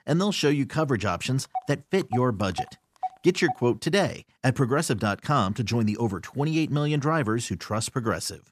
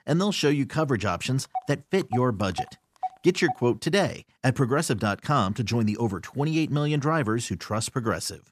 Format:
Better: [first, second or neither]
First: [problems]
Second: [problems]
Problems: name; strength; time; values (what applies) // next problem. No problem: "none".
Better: neither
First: phone ringing; faint; from 1.5 to 3.5 s; peak 10 dB below the speech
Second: phone ringing; faint; from 1.5 to 3.5 s; peak 10 dB below the speech